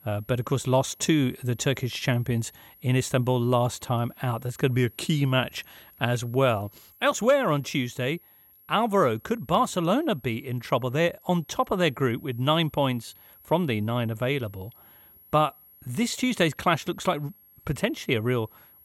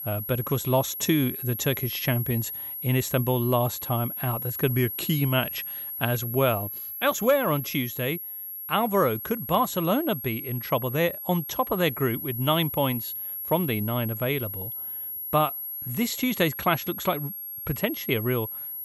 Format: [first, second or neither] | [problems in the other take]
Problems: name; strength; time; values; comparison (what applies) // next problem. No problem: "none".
first | high-pitched whine; loud; throughout; 11.5 kHz, 6 dB below the speech; faint in the first